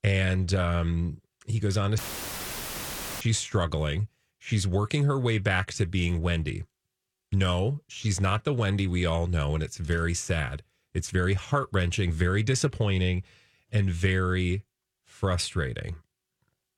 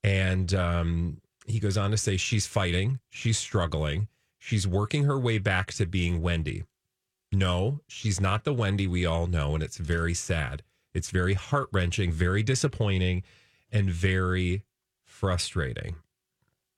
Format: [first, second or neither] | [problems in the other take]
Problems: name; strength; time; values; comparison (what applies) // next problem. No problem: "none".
second | audio cutting out; filled with static; at 2 s for 1 s